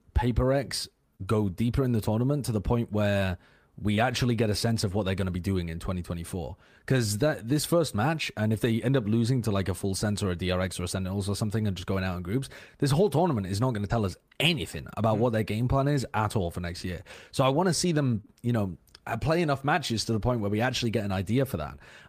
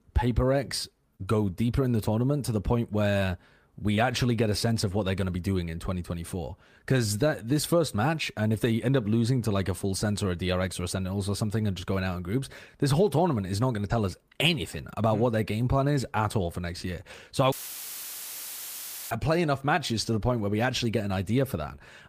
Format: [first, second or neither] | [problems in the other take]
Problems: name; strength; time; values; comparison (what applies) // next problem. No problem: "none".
first | audio cutting out; filled with static; at 18 s for 1.5 s